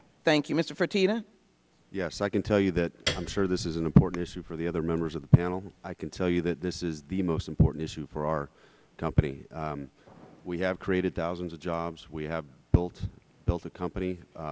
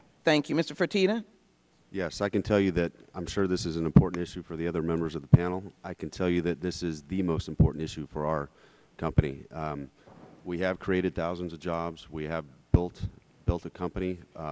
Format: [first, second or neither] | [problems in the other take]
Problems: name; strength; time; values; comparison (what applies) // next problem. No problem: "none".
second | background sound (Piano); 12 dB below the speech